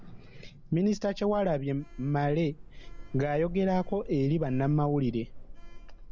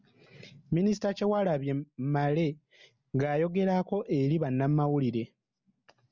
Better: second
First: background sound (Sliding door); 12 dB below the speech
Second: none

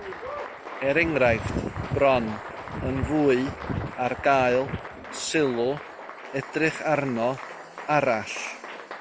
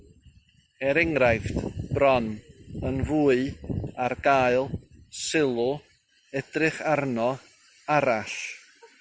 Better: second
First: background sound (Applause); 12 dB below the speech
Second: none

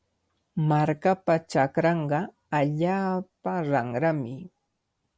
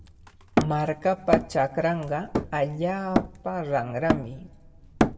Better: first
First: none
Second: background sound (Hammer); 2 dB below the speech // room echo; dies away in 0.6 s

